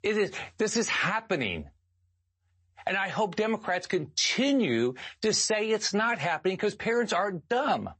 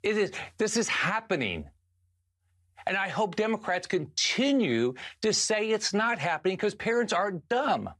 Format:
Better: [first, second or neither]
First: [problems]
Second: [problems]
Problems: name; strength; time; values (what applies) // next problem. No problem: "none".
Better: second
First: garbled, watery; slightly; nothing above 8 kHz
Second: none